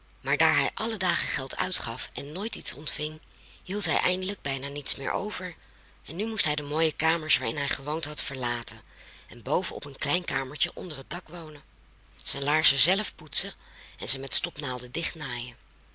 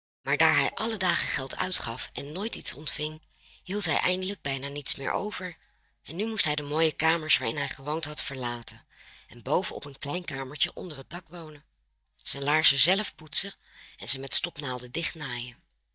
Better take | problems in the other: first | noise reduction (neural mask model DeepFilterNet 3)

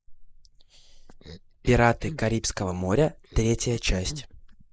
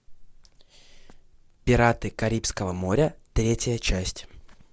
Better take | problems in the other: second | noise reduction (neural mask model Resemble Enhance denoiser)

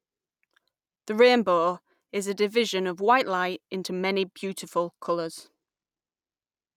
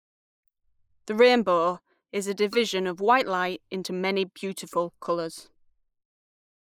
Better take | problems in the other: first | noise reduction (neural mask model Resemble Enhance denoiser)

